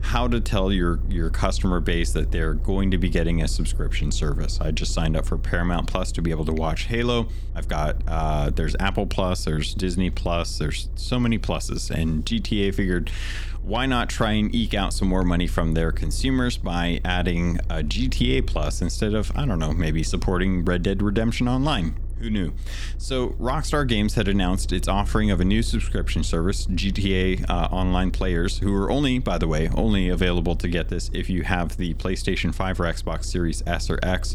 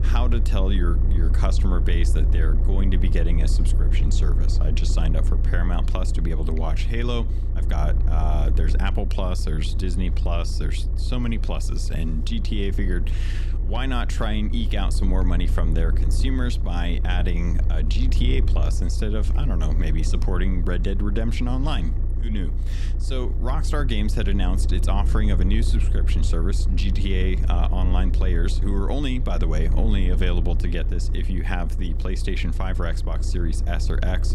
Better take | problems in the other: first | low rumble; loud; throughout; 9 dB below the speech; faint in the first

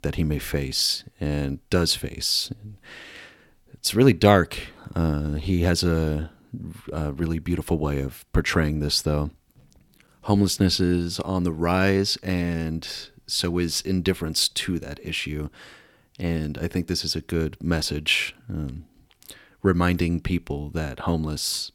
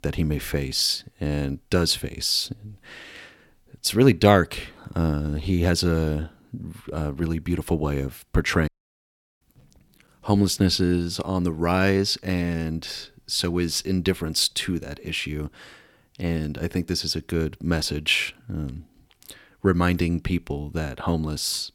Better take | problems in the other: first | audio cutting out; at 8.5 s for 0.5 s

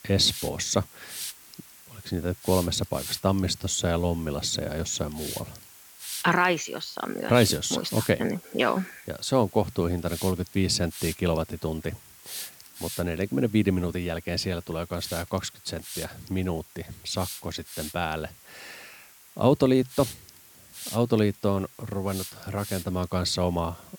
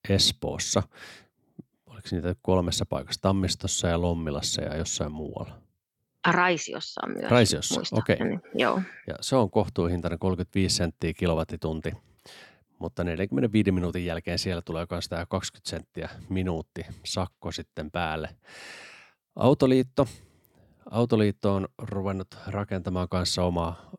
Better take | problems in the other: second | hiss; noticeable; throughout; 15 dB below the speech

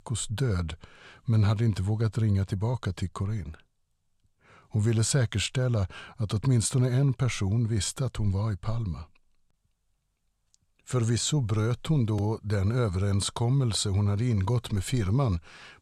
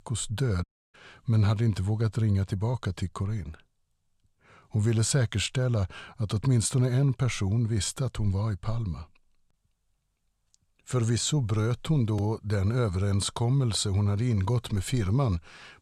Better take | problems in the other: first | audio cutting out; at 0.5 s

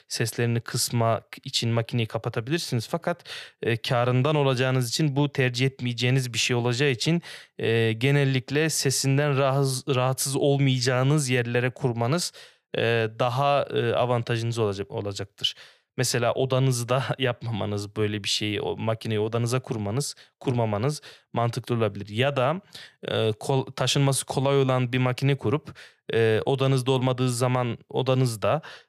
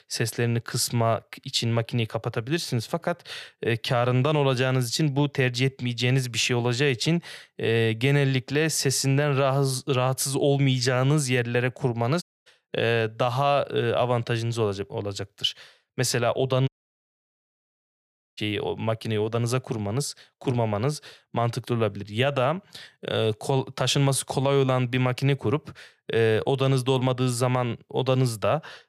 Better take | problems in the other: first | audio cutting out; at 12 s and at 17 s for 1.5 s

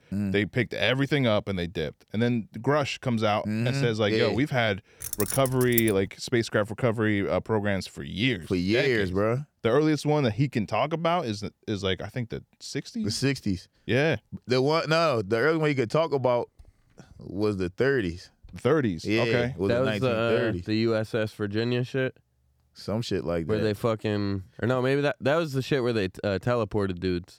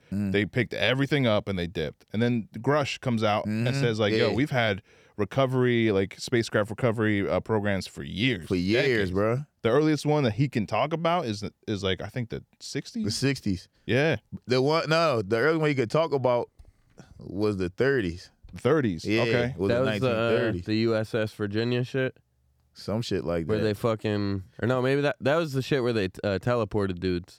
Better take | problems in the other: second | jangling keys; noticeable; at 5 s; peak 2 dB below the speech

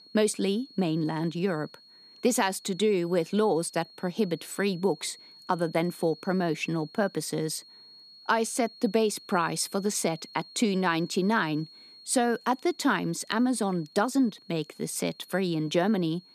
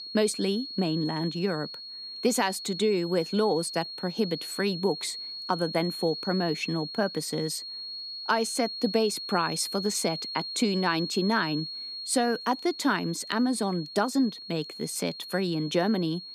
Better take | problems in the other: first | high-pitched whine; loud; throughout; 4.5 kHz, 7 dB below the speech; faint in the first

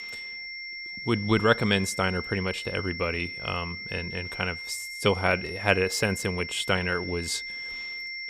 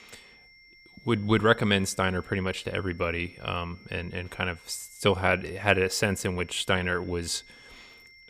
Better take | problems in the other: second | high-pitched whine; loud; throughout; 2 kHz, 7 dB below the speech; faint in the second

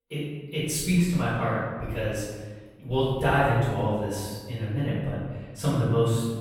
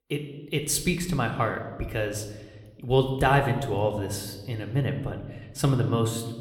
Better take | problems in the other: second | room echo; strong; dies away in 1.3 s; slight in the second // off-mic speech; far

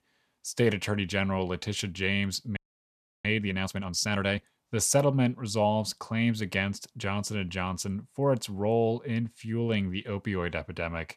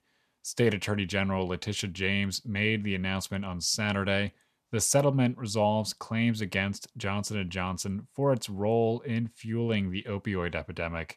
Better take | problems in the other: second | audio freezing; at 2.5 s for 0.5 s

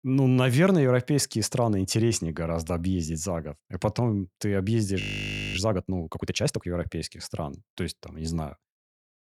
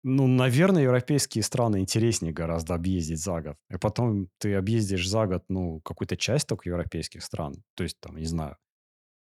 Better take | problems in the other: second | audio freezing; at 5 s for 0.5 s

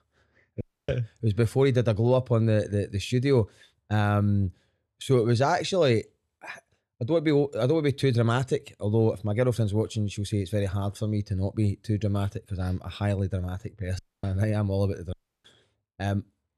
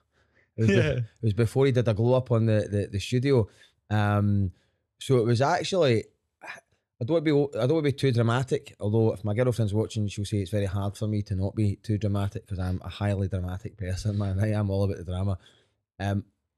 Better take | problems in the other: second | audio cutting out; at 0.5 s, at 14 s and at 15 s

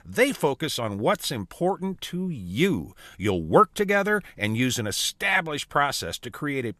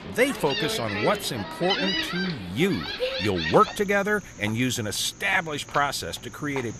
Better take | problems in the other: first | animal sounds; loud; throughout; 4 dB below the speech

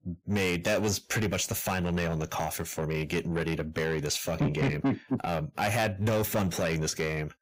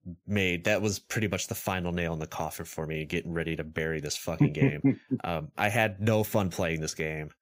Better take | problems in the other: second | distortion; heavy; 6 dB below the speech

